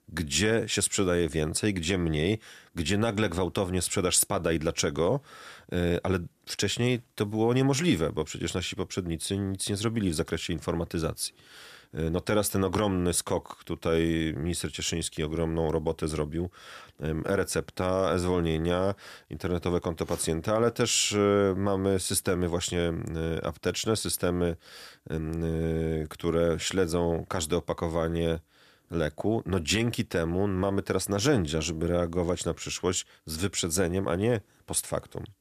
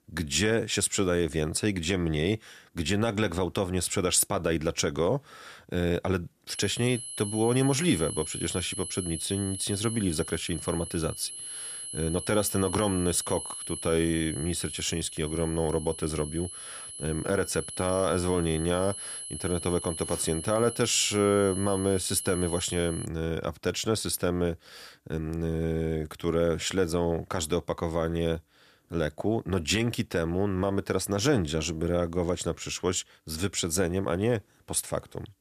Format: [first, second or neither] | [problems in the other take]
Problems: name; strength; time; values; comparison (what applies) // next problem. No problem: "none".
first | high-pitched whine; loud; from 6.5 to 23 s; 10.5 kHz, 8 dB below the speech